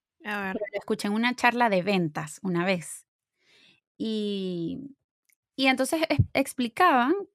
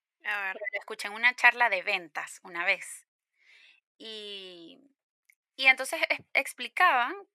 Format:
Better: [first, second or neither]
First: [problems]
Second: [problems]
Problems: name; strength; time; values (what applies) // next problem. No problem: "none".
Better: first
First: none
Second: thin; very; fading below 800 Hz